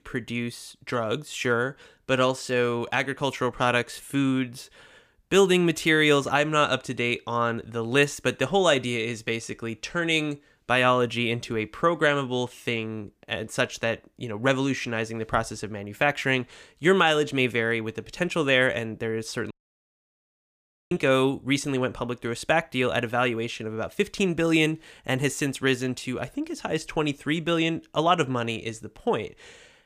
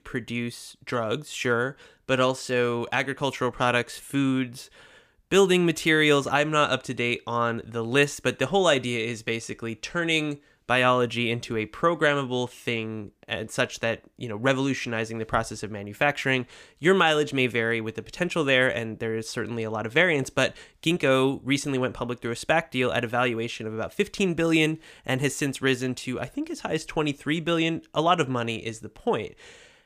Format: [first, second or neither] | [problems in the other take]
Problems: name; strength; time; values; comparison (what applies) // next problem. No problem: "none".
second | audio cutting out; at 20 s for 1.5 s